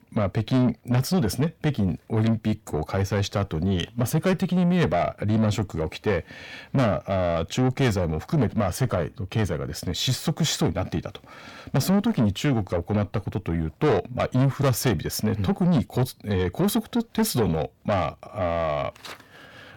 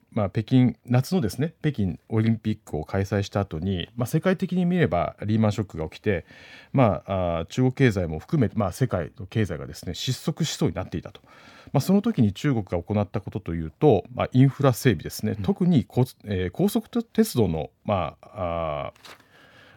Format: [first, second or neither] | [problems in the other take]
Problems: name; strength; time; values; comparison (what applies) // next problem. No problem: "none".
second | distortion; heavy; 7 dB below the speech